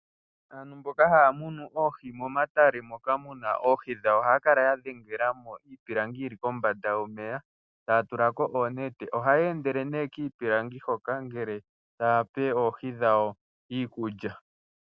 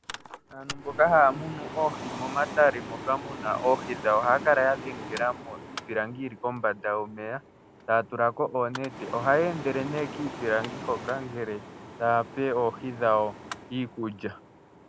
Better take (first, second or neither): first